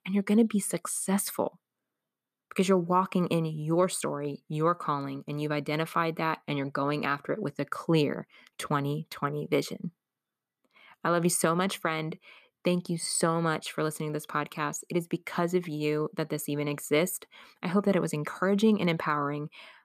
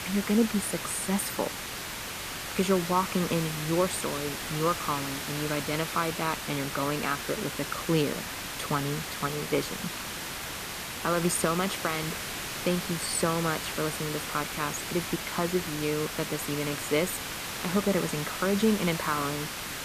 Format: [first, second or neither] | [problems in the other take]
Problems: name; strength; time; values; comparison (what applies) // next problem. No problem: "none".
first | hiss; loud; throughout; 4 dB below the speech